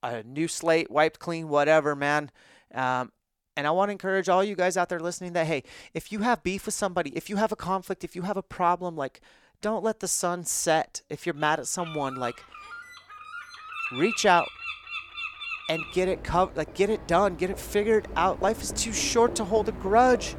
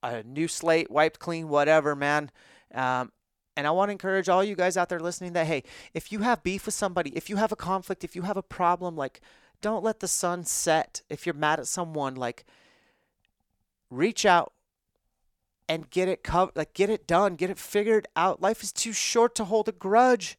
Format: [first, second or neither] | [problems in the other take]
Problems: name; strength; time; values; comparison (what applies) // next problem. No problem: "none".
second | animal sounds; noticeable; from 11 s on; 10 dB below the speech